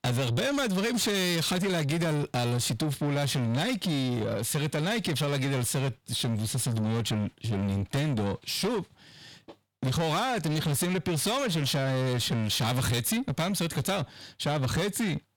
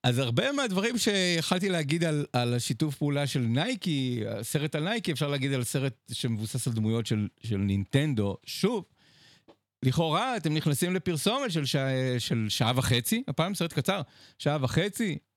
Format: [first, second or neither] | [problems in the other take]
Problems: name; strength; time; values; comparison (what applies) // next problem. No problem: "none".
second | distortion; heavy; 7 dB below the speech